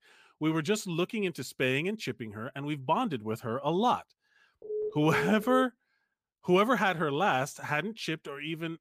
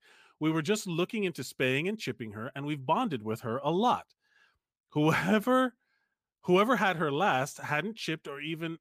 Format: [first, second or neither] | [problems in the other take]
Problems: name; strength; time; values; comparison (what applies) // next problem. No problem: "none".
second | phone ringing; noticeable; from 4.5 to 5.5 s; peak 6 dB below the speech